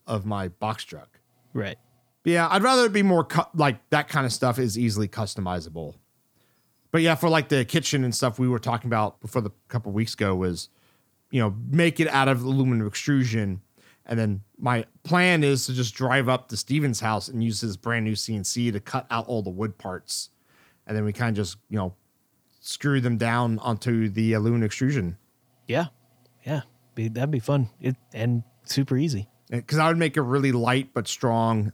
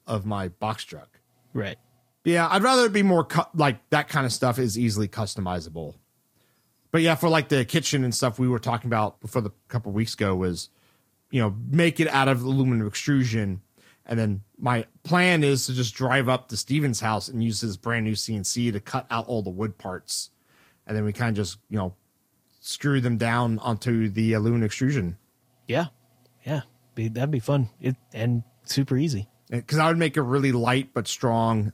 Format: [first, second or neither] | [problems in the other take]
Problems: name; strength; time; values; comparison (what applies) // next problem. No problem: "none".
first | garbled, watery; slightly; nothing above 14.5 kHz